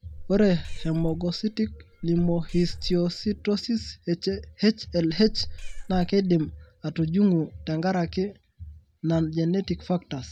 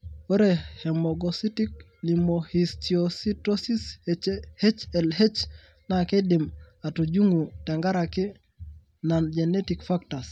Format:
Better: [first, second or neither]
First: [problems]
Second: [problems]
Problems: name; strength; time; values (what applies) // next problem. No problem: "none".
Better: second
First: background sound (Meow); 8 dB below the speech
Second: none